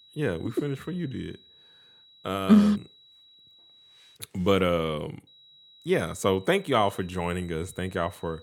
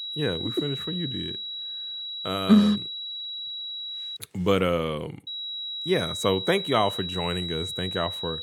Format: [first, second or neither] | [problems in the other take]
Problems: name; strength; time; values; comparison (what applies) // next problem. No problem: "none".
first | high-pitched whine; loud; until 4 s and from 5.5 s on; 4 kHz, 5 dB below the speech; faint in the first